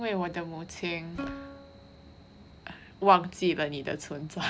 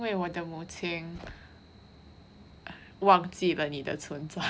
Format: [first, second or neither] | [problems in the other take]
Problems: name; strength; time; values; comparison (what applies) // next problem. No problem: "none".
second | background sound (Plucked string instrument); 15 dB below the speech